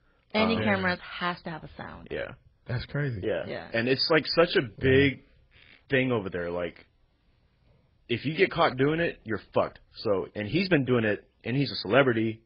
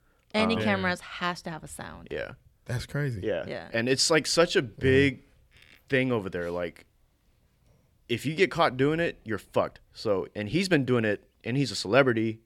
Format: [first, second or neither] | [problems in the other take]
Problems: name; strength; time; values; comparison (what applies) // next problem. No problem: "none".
second | garbled, watery; badly; nothing above 5 kHz